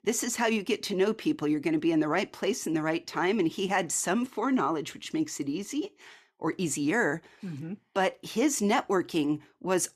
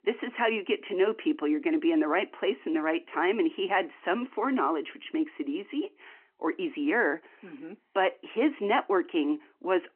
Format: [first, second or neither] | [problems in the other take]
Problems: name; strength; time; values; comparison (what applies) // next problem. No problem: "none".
first | phone-call audio